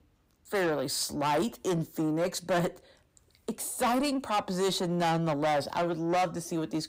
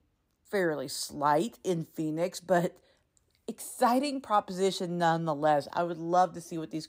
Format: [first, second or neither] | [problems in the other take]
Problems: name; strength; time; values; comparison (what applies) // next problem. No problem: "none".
second | distortion; heavy; 7 dB below the speech